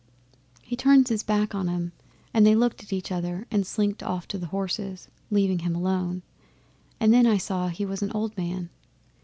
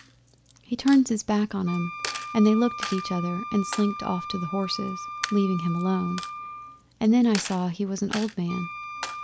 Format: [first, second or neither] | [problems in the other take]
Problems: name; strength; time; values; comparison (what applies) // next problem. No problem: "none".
first | background sound (Wind instrument, woodwind instrument + Coin (dropping)); 10 dB below the speech